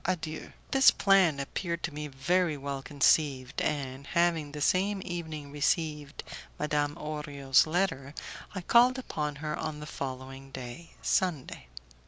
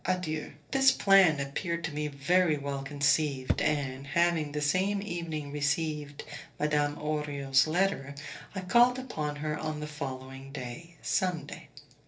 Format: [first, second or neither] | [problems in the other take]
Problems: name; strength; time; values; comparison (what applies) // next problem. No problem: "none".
first | noise reduction (neural separator model SepFormer DNS4)